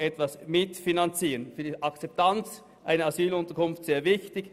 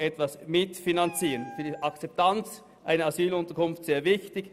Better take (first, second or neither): first